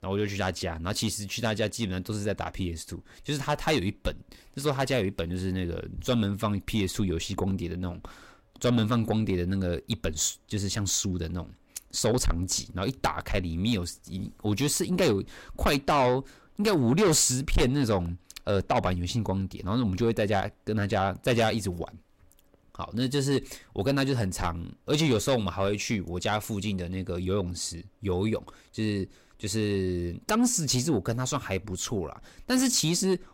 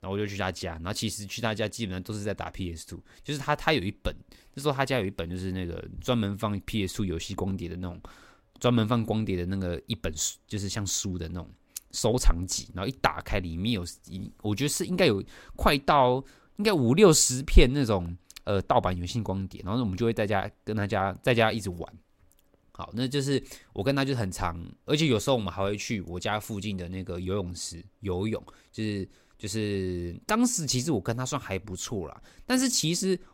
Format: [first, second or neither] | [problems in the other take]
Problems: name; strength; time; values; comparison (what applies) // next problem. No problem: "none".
second | distortion; heavy; 7 dB below the speech